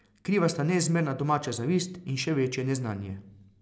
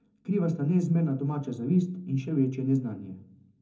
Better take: first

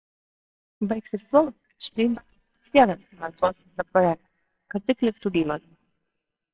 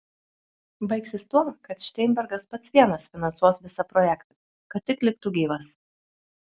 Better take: second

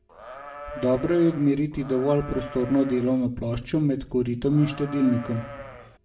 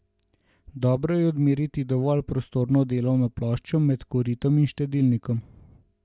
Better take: second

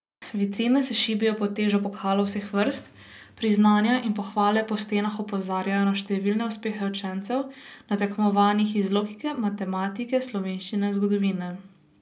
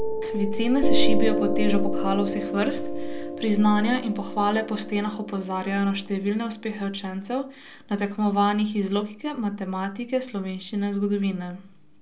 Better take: first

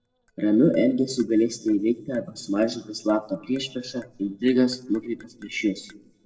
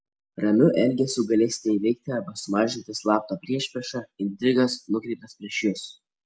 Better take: second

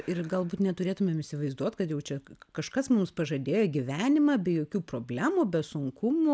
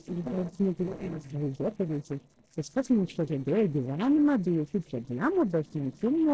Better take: first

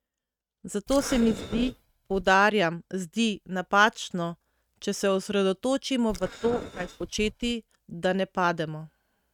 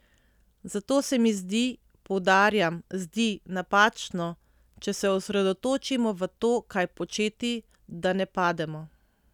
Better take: second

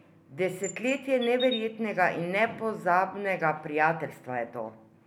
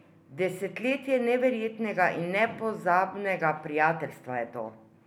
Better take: second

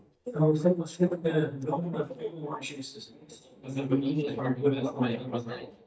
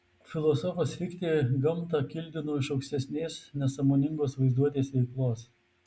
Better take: second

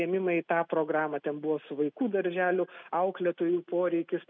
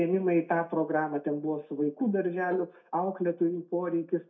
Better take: first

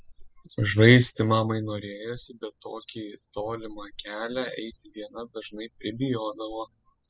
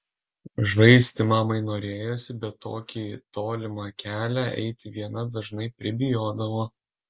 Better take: second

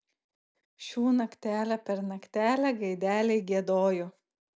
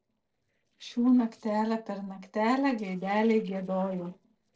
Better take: first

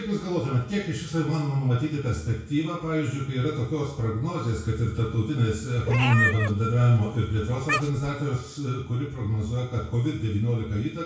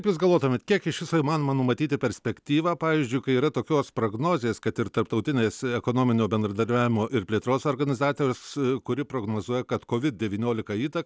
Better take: second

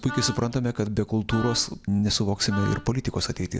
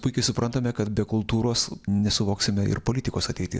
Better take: second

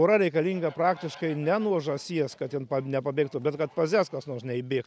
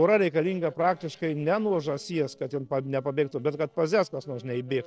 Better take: first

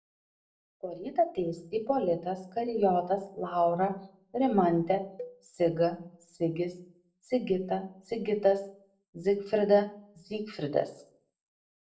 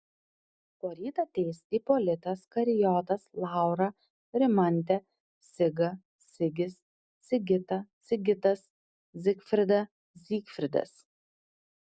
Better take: second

